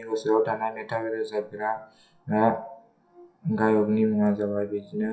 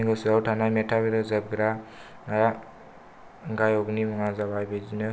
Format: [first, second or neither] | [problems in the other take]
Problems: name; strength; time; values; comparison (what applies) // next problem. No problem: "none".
second | noise reduction (classical method WPE with log-MMSE)